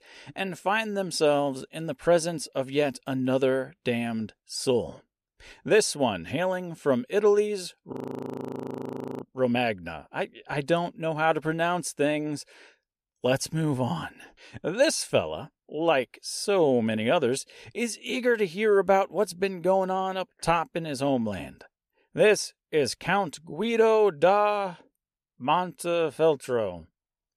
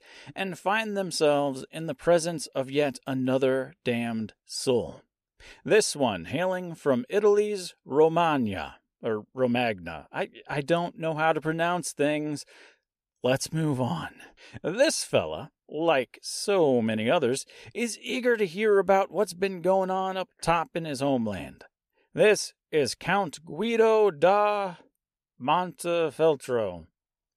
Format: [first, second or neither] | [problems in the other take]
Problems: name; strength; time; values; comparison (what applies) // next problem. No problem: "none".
second | audio freezing; at 8 s for 1.5 s